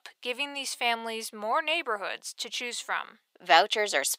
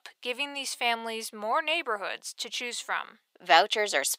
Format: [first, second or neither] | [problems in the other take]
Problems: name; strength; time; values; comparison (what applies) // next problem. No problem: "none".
neither | thin; very; fading below 750 Hz; the same in both